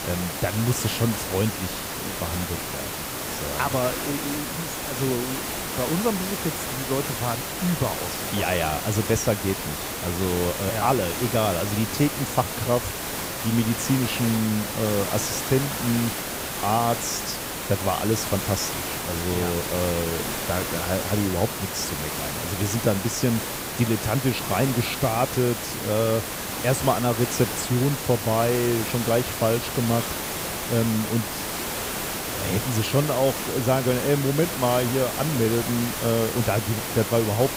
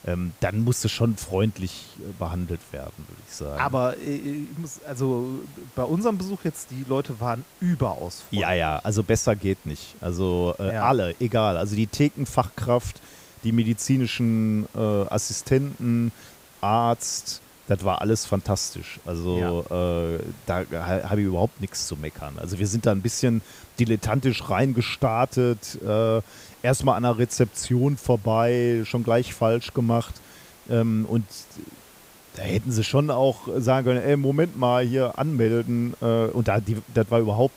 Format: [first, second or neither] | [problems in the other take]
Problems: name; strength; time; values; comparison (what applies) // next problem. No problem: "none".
second | hiss; loud; throughout; 3 dB below the speech; faint in the second